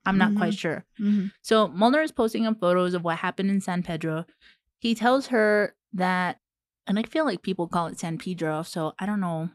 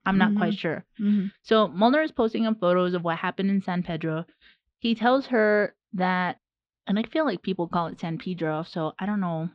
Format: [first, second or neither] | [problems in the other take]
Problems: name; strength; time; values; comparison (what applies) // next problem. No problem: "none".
first | muffled; very slightly; fading above 4 kHz